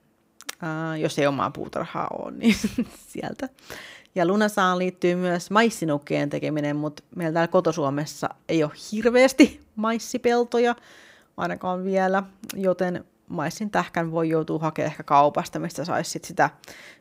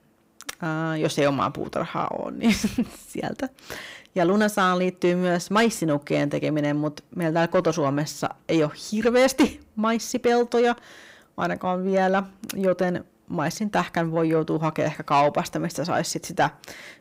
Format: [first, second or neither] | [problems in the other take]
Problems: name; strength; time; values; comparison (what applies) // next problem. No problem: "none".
first | distortion; slight; 10 dB below the speech